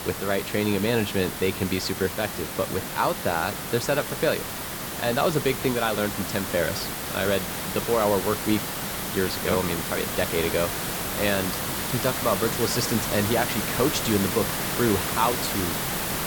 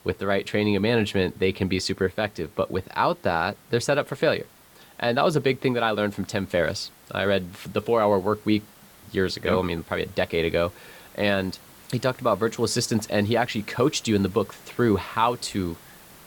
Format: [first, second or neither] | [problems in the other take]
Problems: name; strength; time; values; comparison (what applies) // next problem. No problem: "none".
second | hiss; loud; throughout; 2 dB below the speech; faint in the second